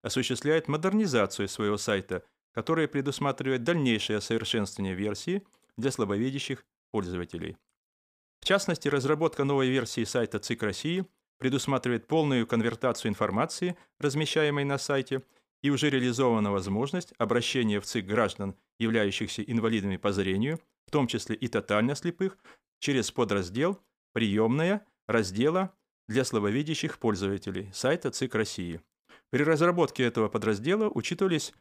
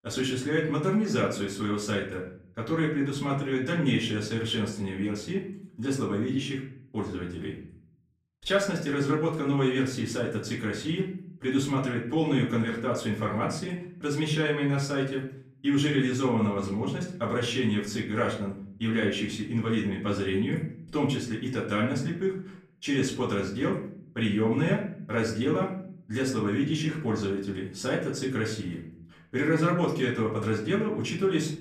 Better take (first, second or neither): first